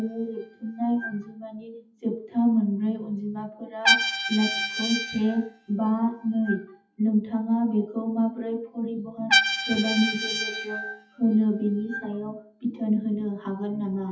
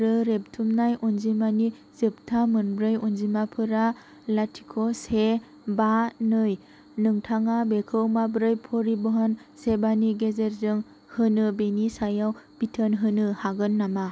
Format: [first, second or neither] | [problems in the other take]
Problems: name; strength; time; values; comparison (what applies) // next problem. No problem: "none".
second | noise reduction (classical method WPE with log-MMSE)